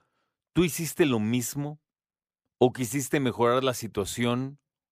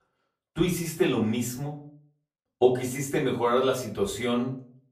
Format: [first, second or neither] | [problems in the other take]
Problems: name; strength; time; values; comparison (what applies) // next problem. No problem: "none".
first | room echo; slight; dies away in 0.4 s // off-mic speech; far